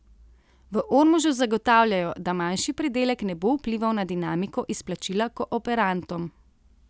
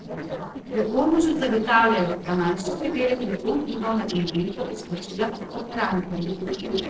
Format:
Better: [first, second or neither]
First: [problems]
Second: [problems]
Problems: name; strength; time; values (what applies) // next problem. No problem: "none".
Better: first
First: none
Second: noise reduction (neural separator model SepFormer DNS4)